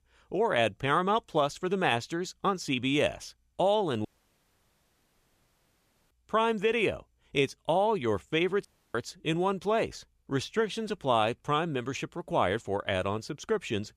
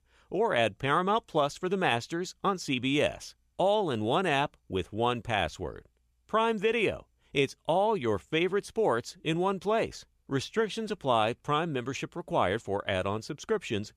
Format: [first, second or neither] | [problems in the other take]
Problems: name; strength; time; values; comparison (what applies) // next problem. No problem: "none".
second | audio cutting out; at 4 s for 2 s and at 8.5 s